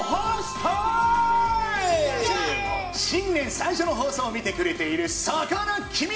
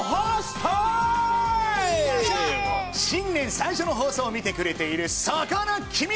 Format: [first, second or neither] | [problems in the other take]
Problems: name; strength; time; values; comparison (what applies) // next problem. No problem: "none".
second | room echo; dies away in 1.1 s